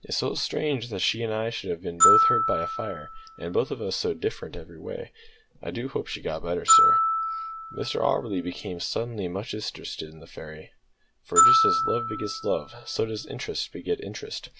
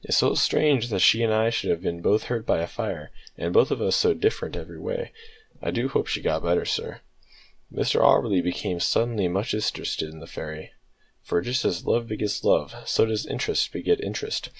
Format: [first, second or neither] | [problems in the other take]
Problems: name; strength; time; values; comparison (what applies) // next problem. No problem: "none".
second | background sound (Glockenspiel); 2 dB above the speech